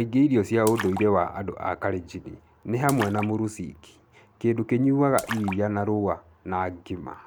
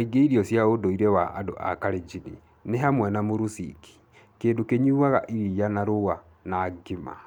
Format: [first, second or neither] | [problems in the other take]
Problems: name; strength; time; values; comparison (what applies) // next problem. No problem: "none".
second | background sound (Splash, splatter); 15 dB below the speech